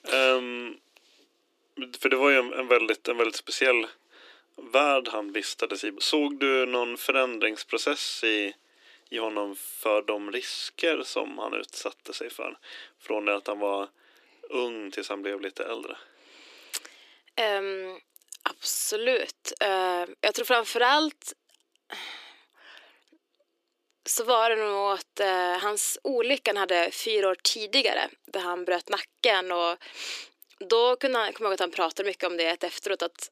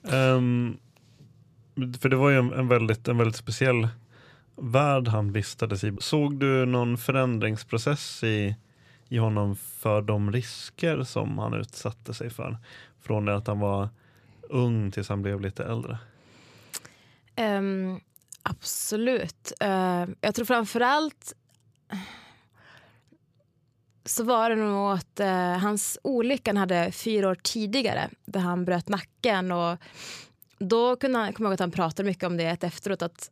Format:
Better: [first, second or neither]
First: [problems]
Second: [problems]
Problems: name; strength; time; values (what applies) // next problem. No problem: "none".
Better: second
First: thin; somewhat; fading below 300 Hz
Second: none